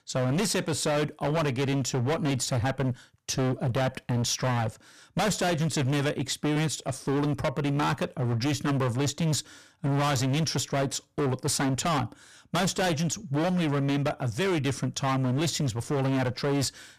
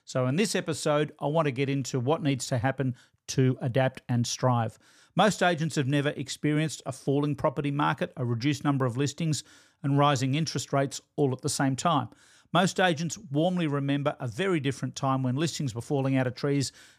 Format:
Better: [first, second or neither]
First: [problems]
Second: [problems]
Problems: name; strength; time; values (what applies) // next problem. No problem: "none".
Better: second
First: distortion; heavy; 27% of the sound clipped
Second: none